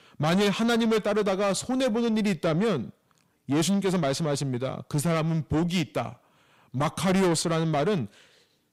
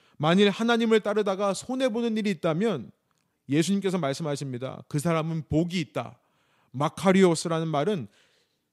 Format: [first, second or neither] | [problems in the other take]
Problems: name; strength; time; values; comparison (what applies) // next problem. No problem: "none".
second | distortion; heavy; 7 dB below the speech